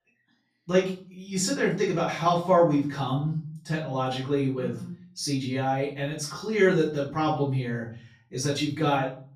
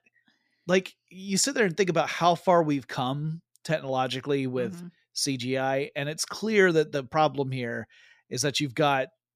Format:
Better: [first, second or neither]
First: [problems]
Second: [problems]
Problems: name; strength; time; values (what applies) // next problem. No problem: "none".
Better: second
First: off-mic speech; far // room echo; slight; dies away in 0.5 s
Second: none